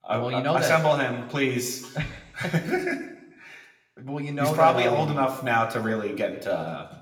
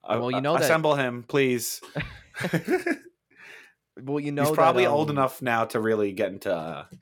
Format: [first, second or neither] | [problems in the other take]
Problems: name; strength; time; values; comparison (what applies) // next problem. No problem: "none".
second | room echo; slight; dies away in 0.9 s // off-mic speech; somewhat distant